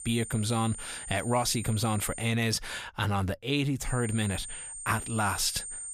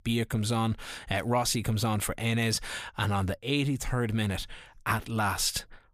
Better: second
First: high-pitched whine; loud; until 2.5 s and from 4 s on; 8.5 kHz, 9 dB below the speech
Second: none

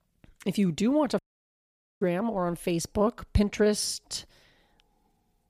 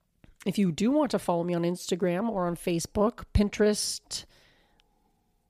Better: second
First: audio cutting out; at 1 s for 1 s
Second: none

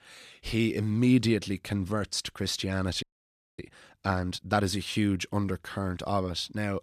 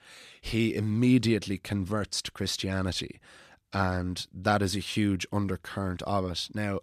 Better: second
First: audio freezing; at 3 s for 0.5 s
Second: none

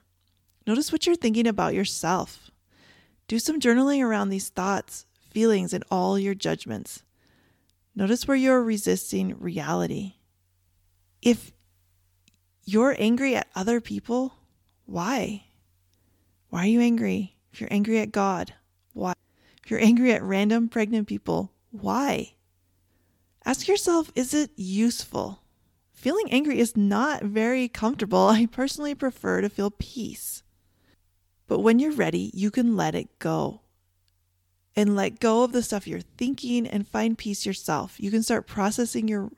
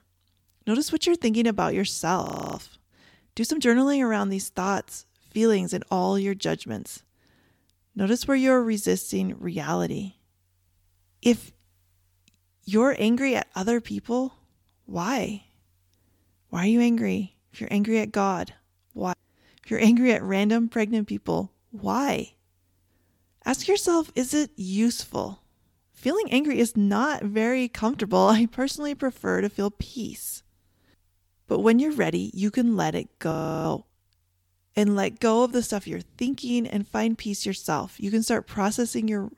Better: first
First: none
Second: audio freezing; at 2 s and at 33 s

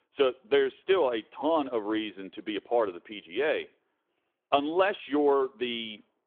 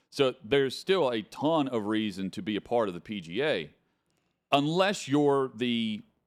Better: second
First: phone-call audio; nothing above 3.5 kHz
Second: none

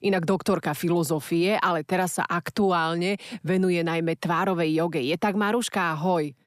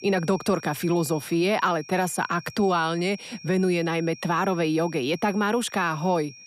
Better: first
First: none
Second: high-pitched whine; noticeable; throughout; 5.5 kHz, 20 dB below the speech

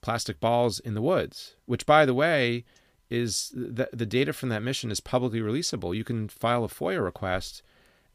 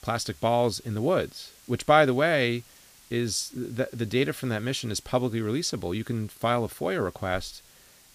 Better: first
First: none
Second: hiss; faint; throughout; 25 dB below the speech

